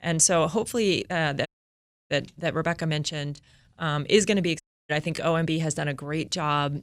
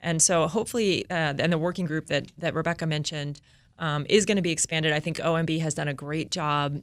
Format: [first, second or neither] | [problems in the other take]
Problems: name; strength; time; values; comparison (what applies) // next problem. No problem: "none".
second | audio cutting out; at 1.5 s for 0.5 s and at 4.5 s